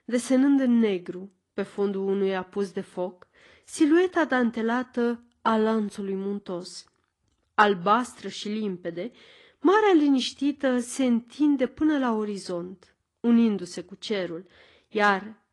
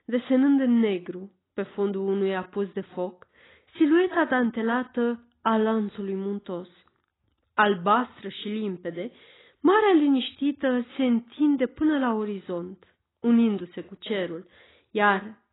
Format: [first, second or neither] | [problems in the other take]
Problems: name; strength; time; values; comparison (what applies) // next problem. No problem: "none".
first | garbled, watery; badly; nothing above 4 kHz; slightly in the first